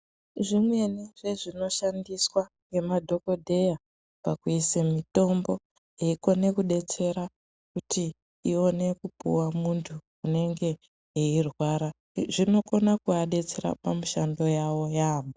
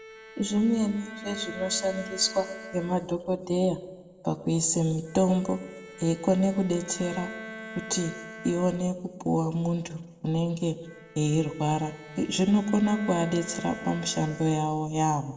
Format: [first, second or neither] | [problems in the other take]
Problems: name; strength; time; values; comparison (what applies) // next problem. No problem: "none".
first | background sound (Bowed string instrument); 16 dB below the speech // room echo; dies away in 1.2 s